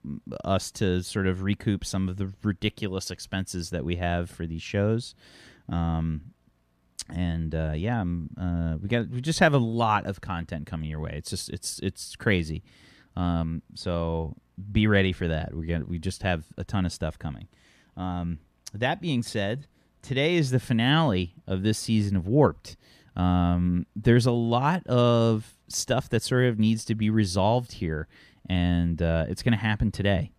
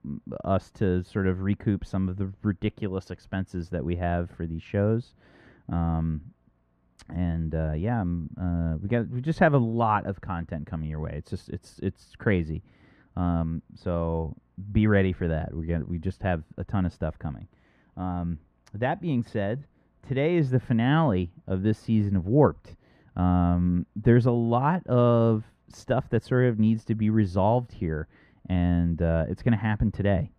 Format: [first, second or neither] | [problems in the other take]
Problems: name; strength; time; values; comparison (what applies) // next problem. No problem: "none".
first | muffled; very; fading above 3 kHz